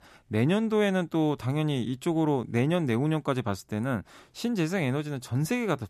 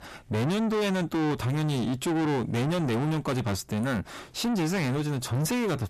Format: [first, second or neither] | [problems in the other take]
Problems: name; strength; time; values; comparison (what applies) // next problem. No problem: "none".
first | distortion; heavy; 5 dB below the speech